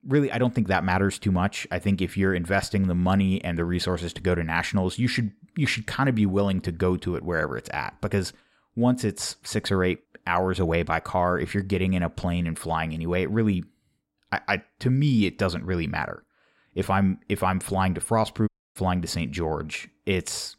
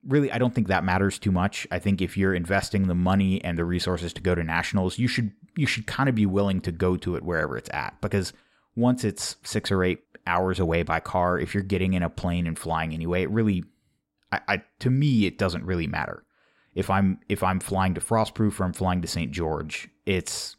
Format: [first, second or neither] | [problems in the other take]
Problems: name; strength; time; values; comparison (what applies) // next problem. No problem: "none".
second | audio cutting out; at 18 s